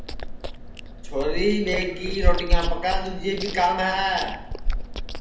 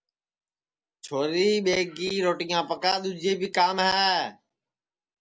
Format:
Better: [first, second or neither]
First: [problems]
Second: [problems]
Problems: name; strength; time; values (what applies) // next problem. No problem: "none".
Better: second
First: background sound (Chewing, mastication); 2 dB above the speech // room echo; dies away in 0.8 s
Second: none